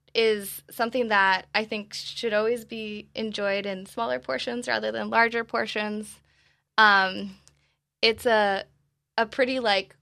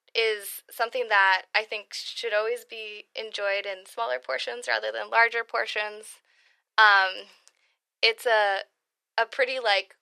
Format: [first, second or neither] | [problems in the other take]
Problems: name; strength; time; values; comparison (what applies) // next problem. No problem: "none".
first | thin; very; fading below 450 Hz